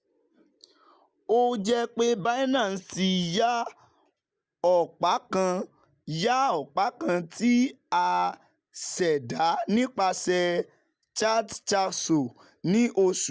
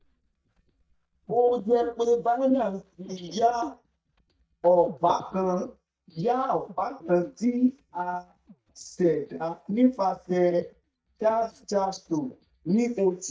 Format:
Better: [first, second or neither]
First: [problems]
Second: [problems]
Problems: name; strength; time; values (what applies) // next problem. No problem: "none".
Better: first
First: none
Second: noise reduction (neural mask model DeepFilterNet 3)